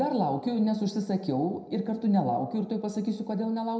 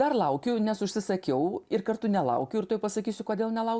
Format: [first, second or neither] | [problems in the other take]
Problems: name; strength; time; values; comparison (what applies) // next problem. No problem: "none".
second | room echo; dies away in 0.7 s